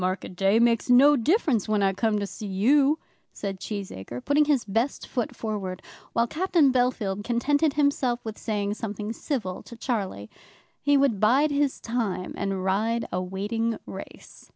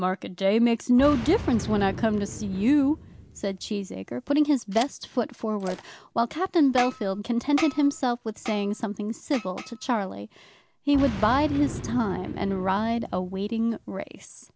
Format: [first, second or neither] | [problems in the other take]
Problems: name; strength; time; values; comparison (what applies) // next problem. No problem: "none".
first | background sound (Boom); 13 dB below the speech